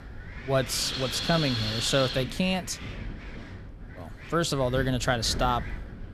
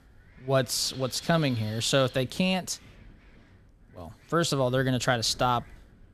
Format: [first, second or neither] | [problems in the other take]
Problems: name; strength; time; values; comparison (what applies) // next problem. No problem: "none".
second | wind noise on the microphone; heavy; 7 dB below the speech; occasional gusts in the second